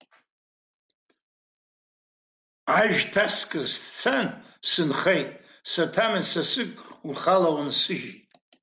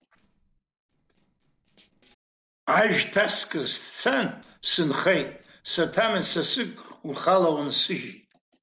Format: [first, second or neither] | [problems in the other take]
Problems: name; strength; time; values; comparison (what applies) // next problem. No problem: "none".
first | noise reduction (neural separator model SepFormer DNS4)